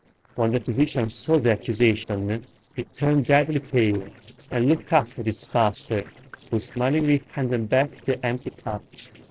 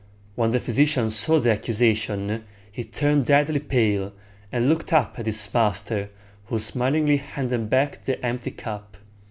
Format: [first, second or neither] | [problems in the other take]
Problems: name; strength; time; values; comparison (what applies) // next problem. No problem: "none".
second | noise reduction (neural separator model SepFormer DNS4)